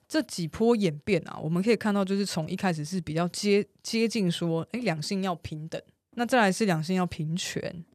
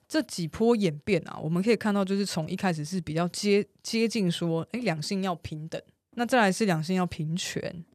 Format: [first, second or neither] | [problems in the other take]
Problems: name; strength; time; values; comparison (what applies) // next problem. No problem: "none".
neither | none